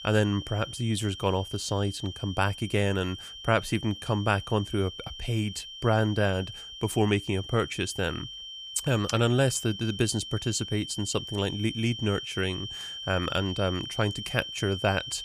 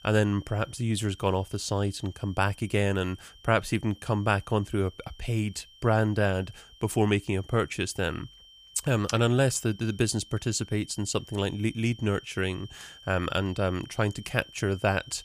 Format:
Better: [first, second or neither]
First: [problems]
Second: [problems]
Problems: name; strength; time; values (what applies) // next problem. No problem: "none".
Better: second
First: high-pitched whine; loud; throughout; 3 kHz, 10 dB below the speech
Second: high-pitched whine; faint; throughout; 3 kHz, 20 dB below the speech